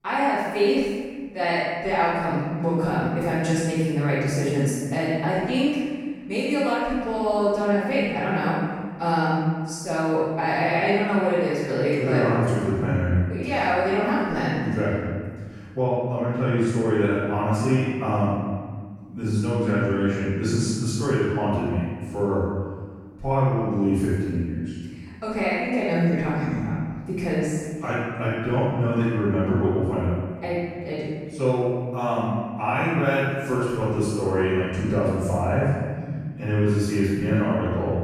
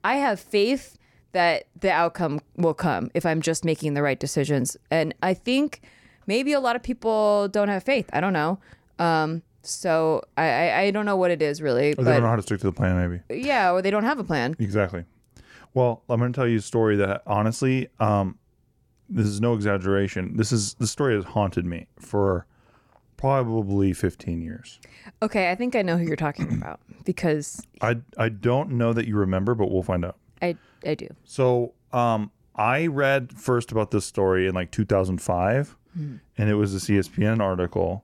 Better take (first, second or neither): second